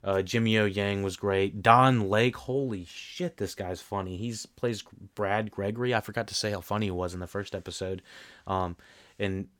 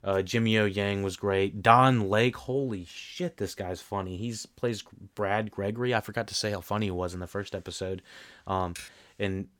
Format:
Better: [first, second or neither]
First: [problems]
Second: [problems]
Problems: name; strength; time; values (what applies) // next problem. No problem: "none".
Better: first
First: none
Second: keyboard typing; faint; at 9 s; peak 15 dB below the speech